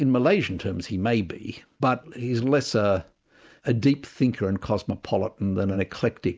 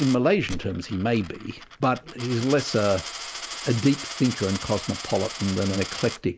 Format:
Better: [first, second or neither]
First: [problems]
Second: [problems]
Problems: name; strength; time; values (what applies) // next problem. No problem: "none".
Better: first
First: none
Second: background sound (Coin (dropping)); 11 dB below the speech